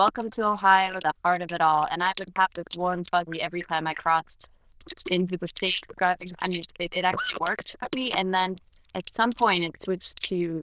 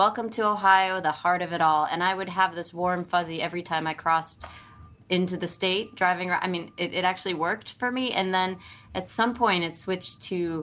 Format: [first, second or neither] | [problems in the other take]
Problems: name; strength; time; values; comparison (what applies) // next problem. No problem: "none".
second | noise reduction (neural diffusion model UNIVERSE++)